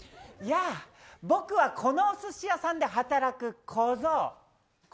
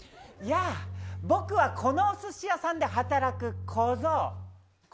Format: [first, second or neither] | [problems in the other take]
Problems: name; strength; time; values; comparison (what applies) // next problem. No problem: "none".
first | background sound (Bowed string instrument); 10 dB below the speech